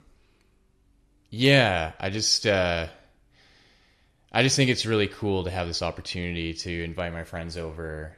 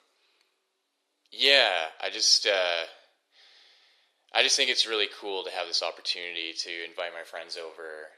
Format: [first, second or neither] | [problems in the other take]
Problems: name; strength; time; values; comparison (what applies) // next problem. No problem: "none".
first | thin; very; fading below 450 Hz